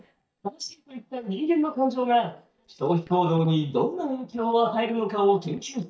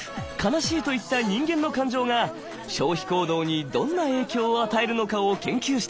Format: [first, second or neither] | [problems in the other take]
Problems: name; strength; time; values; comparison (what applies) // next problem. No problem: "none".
second | noise reduction (neural mask model DeepFilterNet 3)